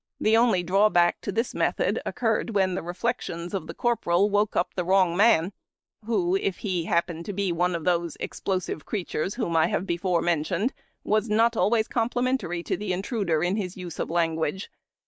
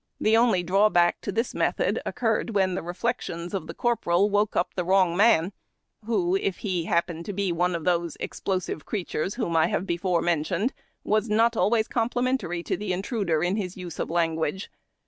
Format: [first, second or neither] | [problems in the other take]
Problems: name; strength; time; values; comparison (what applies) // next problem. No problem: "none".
second | noise reduction (neural mask model Resemble Enhance denoiser)